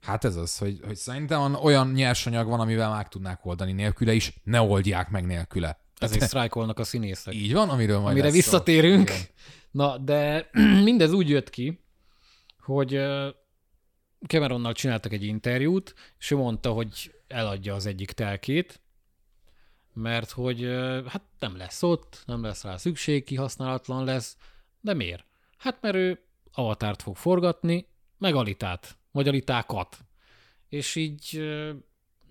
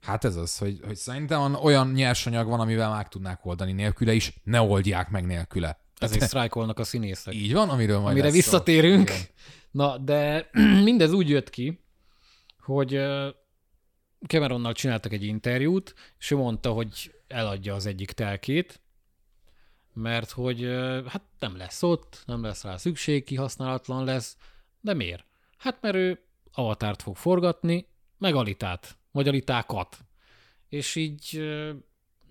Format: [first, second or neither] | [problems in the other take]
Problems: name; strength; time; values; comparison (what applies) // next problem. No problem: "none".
neither | none